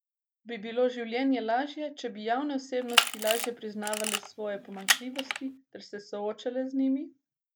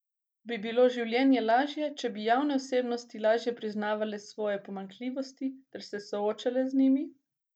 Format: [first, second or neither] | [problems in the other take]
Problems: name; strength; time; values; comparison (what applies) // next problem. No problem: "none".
second | background sound (Camera); 1 dB above the speech